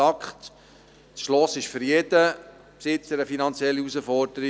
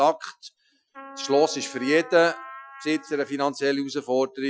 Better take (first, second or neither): first